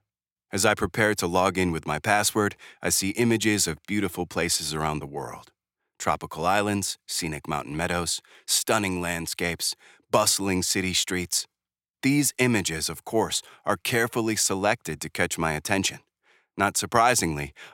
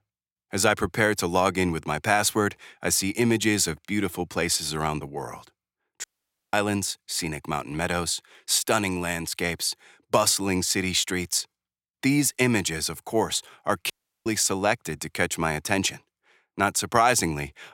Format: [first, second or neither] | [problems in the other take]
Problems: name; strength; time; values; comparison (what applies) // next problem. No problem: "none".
first | audio cutting out; at 6 s and at 14 s